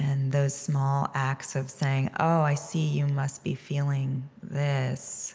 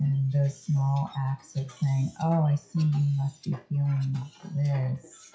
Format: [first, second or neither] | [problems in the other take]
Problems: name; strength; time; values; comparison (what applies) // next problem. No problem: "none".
first | noise reduction (classical method WPE with log-MMSE)